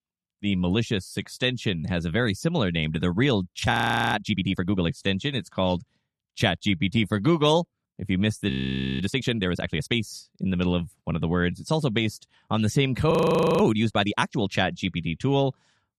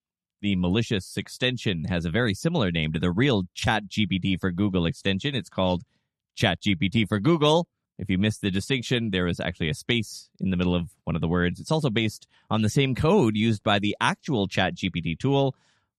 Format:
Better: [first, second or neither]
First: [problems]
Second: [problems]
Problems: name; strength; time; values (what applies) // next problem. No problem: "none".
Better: second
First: audio freezing; at 3.5 s, at 8.5 s for 0.5 s and at 13 s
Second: none